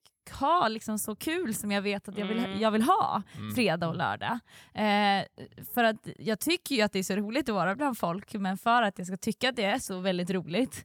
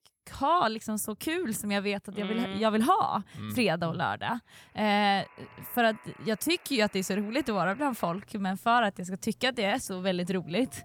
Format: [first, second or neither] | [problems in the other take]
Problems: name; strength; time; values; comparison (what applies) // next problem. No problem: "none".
first | alarms or sirens; faint; from 5 s on; 25 dB below the speech